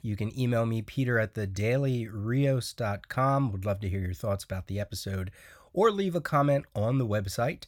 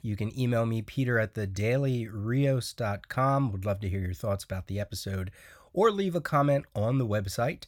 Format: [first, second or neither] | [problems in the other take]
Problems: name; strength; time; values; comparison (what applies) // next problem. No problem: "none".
neither | none